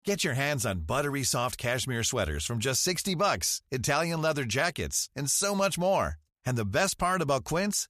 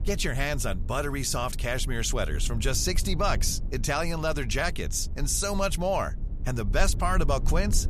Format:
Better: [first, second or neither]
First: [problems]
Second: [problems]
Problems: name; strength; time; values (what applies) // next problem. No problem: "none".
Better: first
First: none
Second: low rumble; faint; throughout; 20 dB below the speech